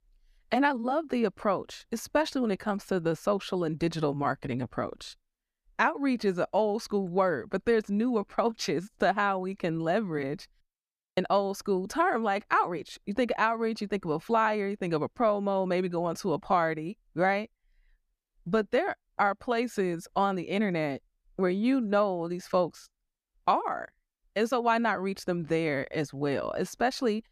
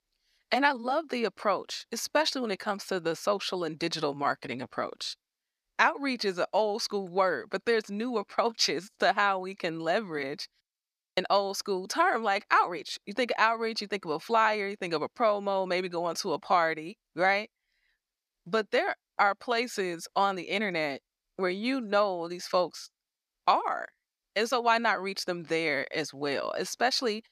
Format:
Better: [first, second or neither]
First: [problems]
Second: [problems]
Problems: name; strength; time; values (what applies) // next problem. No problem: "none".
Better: first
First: none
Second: thin; very slightly; fading below 1 kHz